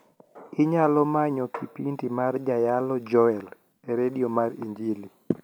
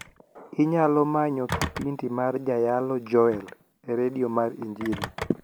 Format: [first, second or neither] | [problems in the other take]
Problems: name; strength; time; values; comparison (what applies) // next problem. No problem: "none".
first | background sound (Telephone); 13 dB below the speech